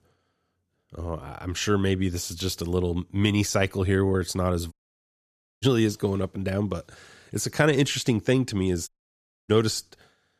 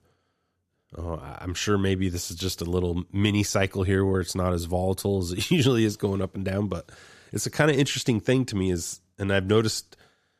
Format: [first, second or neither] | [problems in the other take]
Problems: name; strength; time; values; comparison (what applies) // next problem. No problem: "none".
second | audio cutting out; at 4.5 s for 1 s and at 9 s for 0.5 s